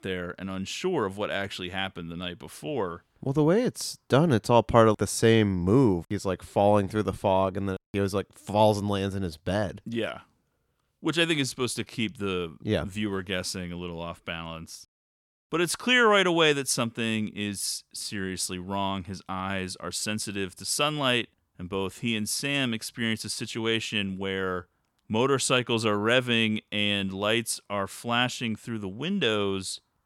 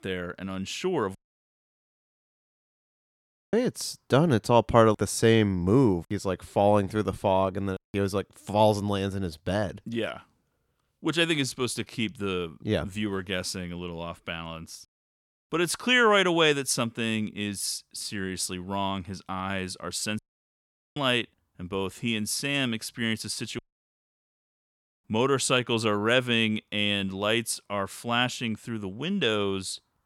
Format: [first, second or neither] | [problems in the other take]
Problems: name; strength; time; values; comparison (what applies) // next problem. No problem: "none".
first | audio cutting out; at 1 s for 2.5 s, at 20 s for 1 s and at 24 s for 1.5 s